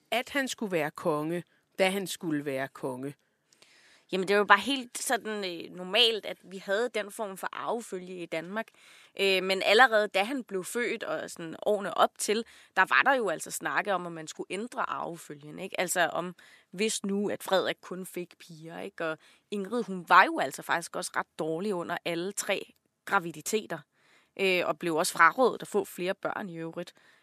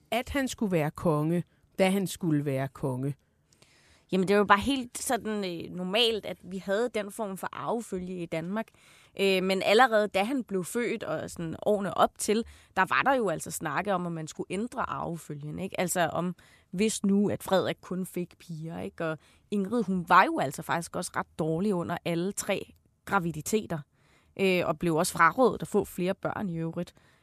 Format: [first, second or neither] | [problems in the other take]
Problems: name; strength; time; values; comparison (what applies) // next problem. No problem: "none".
second | thin; very slightly; fading below 250 Hz